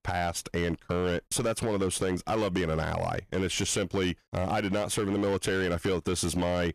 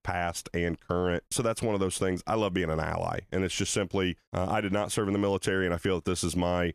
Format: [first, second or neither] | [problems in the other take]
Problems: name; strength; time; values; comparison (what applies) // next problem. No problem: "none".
second | distortion; slight; 13% of the sound clipped